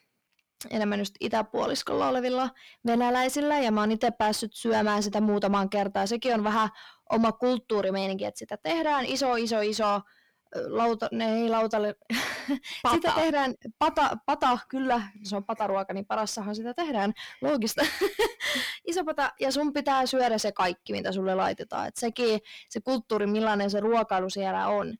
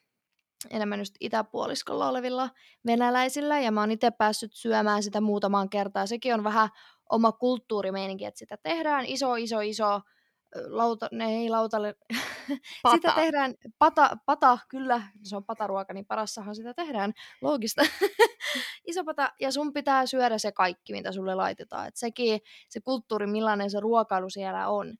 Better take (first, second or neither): second